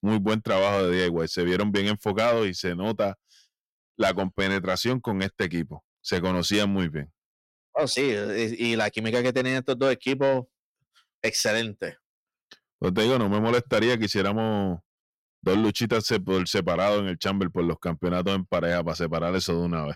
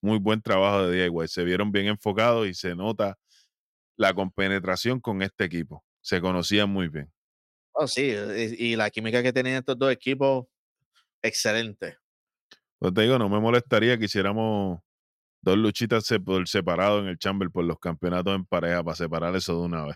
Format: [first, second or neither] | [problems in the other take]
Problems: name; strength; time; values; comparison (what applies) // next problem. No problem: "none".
second | distortion; slight; 10 dB below the speech